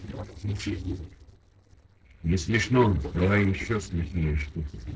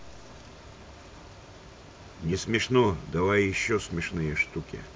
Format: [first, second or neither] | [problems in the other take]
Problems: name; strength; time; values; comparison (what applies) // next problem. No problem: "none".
second | noise reduction (neural separator model SepFormer DNS4)